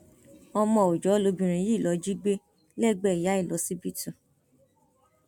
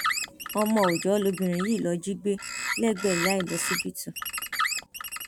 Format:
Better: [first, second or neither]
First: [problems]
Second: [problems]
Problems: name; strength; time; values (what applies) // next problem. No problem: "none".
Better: first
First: none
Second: background sound (Bird); 5 dB below the speech